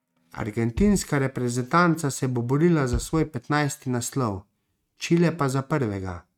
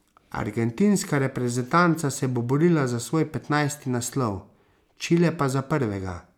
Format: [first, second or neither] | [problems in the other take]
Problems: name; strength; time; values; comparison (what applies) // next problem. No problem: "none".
second | noise reduction (neural mask model RNNoise)